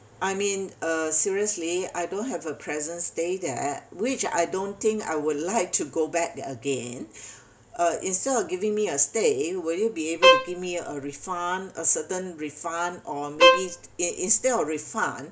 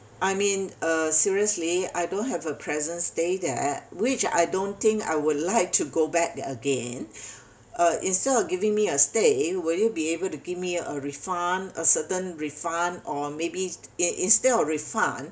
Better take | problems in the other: second | background sound (Bowed string instrument); 5 dB above the speech

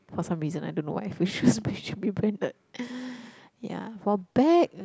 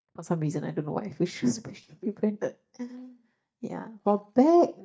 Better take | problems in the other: first | noise reduction (neural mask model DeepFilterNet 3)

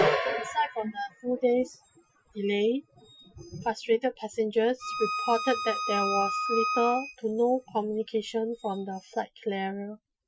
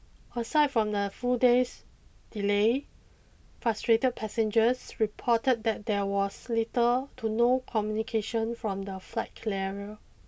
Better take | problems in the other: second | noise reduction (classical method Wiener filter)

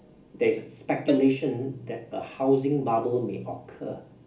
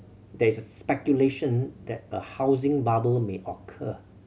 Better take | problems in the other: second | background sound (Cowbell); 11 dB below the speech // room echo; dies away in 0.4 s

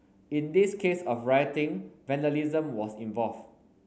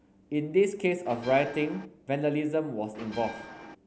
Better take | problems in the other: first | background sound (Bell); 14 dB below the speech

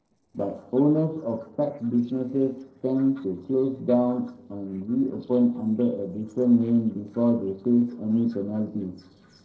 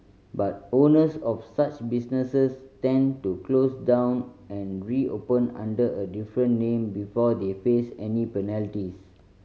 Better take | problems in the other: second | noise reduction (neural separator model SepFormer DNS4)

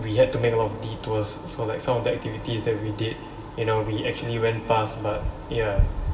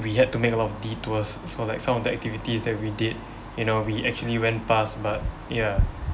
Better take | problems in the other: second | room echo; dies away in 1.6 s

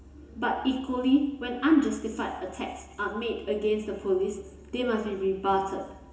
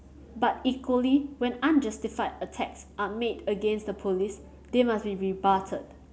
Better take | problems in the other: second | room echo; dies away in 1 s

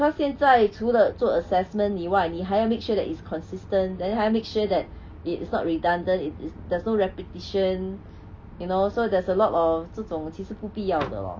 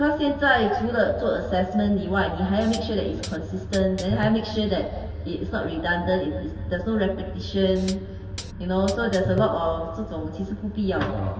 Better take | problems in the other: first | background sound (Hi-hat); 11 dB below the speech // room echo; dies away in 2 s

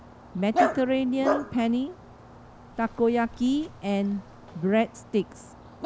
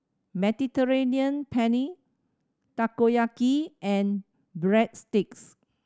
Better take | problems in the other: second | background sound (Dog); 6 dB below the speech

